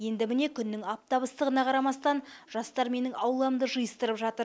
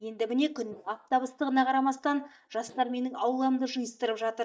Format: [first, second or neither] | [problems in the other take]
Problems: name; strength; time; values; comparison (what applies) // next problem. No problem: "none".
first | noise reduction (neural mask model DeepFilterNet 3)